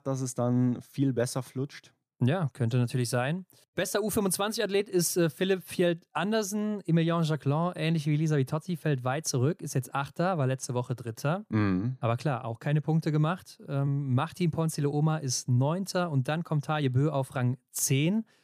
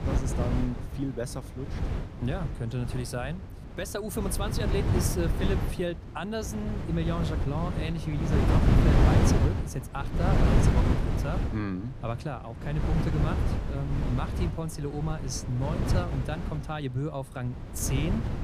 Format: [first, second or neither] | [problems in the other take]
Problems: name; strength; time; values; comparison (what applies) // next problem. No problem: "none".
first | wind noise on the microphone; heavy; as loud as the speech